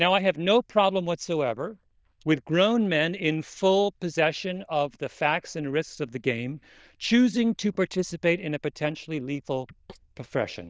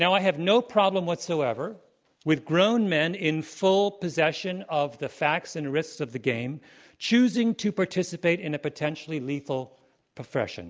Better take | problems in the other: second | noise reduction (neural diffusion model UNIVERSE++)

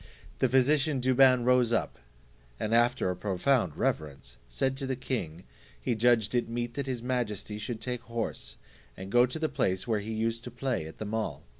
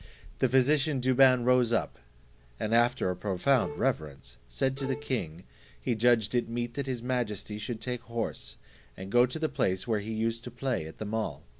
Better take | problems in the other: first | background sound (Bowed string instrument); 14 dB below the speech

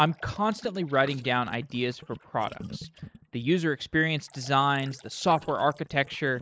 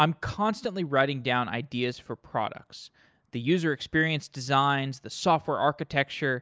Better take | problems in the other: second | noise reduction (neural mask model Resemble Enhance denoiser)

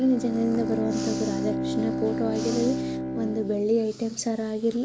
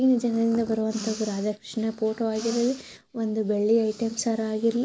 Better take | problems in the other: second | background sound (Bowed string instrument); 4 dB below the speech

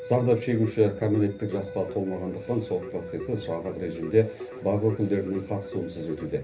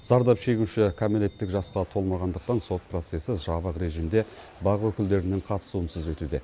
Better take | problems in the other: second | background sound (Keyboard (musical)); 12 dB below the speech // room echo; dies away in 0.3 s

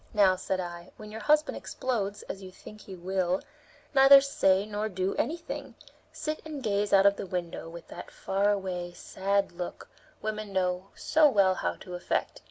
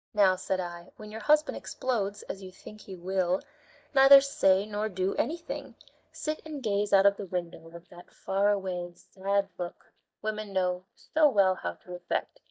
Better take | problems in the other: first | noise reduction (neural mask model DeepFilterNet 3)

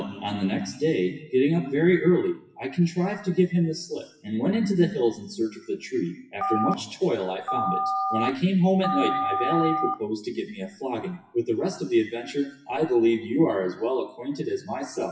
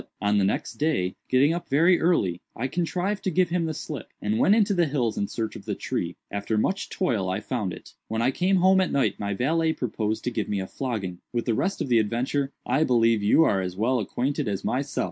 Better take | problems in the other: second | noise reduction (classical method WPE with log-MMSE)

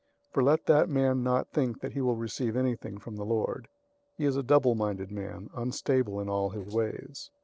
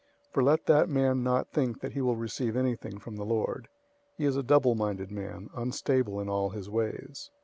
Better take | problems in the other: second | noise reduction (neural separator model SepFormer DNS4)

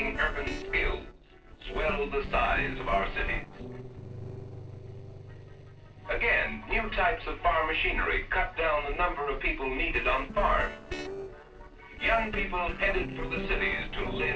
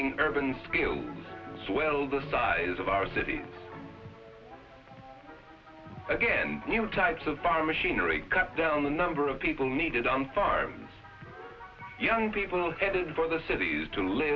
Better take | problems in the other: second | noise reduction (neural separator model SepFormer DNS4)

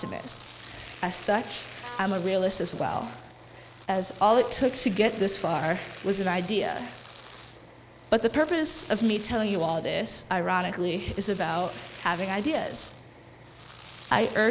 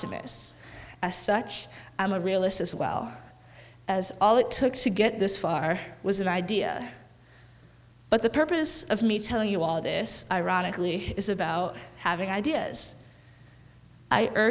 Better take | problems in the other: second | background sound (Vehicle horn, car horn, honking + Domestic sounds, home sounds); 18 dB below the speech

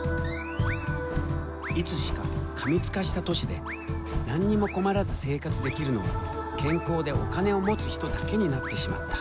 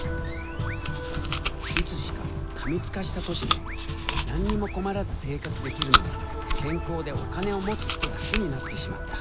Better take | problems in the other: first | background sound (Chewing, mastication); as loud as the speech

